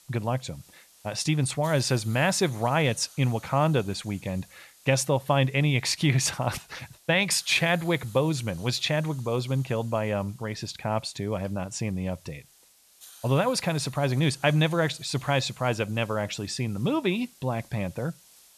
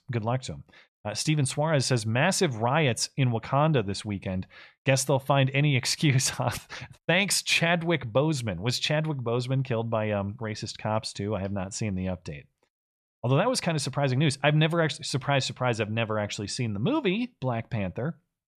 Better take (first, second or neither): second